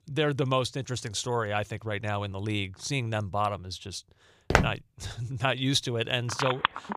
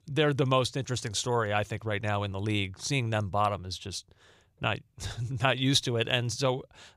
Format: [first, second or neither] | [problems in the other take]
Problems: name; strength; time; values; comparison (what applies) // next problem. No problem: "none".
second | footsteps; loud; at 4.5 s; peak 4 dB above the speech // phone ringing; loud; at 6.5 s; peak 1 dB above the speech